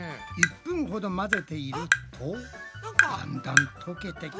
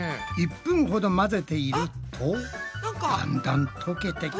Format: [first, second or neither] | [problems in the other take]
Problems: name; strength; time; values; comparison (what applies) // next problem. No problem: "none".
second | background sound (Tap); 3 dB above the speech